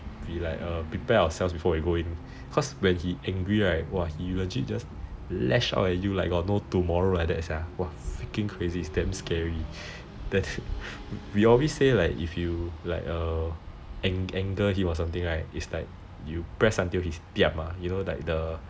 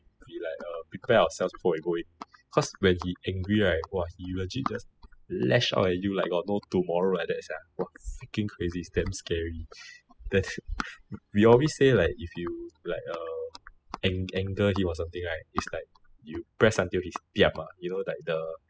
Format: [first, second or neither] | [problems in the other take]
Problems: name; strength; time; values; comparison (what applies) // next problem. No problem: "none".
first | noise reduction (classical method spectral subtraction)